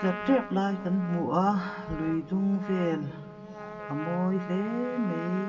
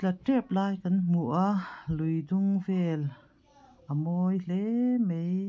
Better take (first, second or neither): second